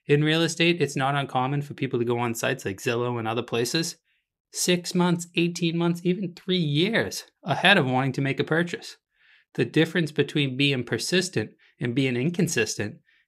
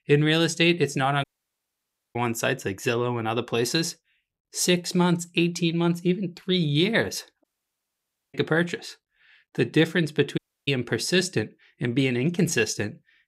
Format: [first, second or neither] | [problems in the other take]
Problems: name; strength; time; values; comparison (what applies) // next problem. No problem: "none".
first | audio cutting out; at 1 s for 1 s, at 7.5 s for 1 s and at 10 s